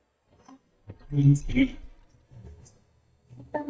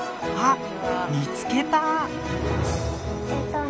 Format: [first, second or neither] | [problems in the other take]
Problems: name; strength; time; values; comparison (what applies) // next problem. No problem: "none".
second | noise reduction (neural mask model DeepFilterNet 3)